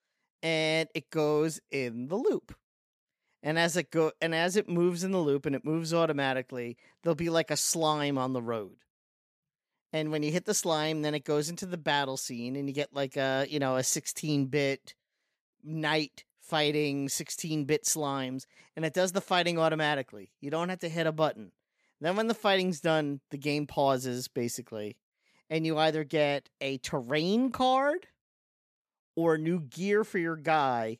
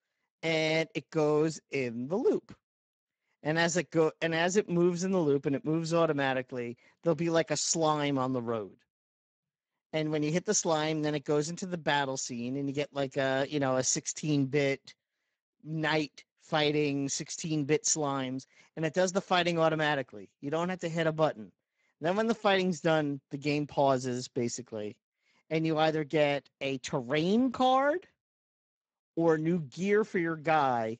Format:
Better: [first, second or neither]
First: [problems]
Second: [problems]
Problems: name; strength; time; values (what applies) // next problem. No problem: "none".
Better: first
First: none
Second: garbled, watery; badly; nothing above 7.5 kHz